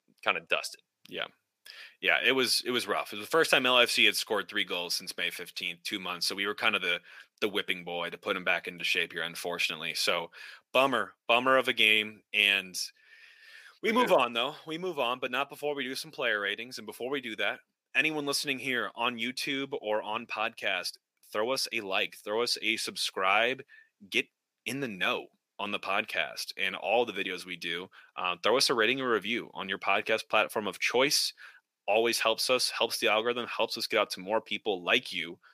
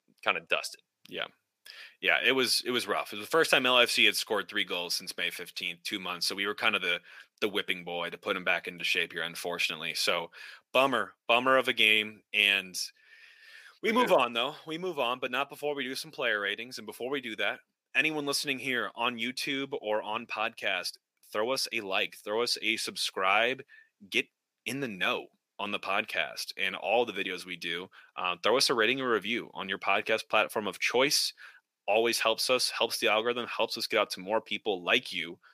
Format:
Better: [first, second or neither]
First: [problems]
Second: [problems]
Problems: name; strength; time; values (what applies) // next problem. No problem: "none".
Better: neither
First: thin; somewhat; fading below 500 Hz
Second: thin; somewhat; fading below 500 Hz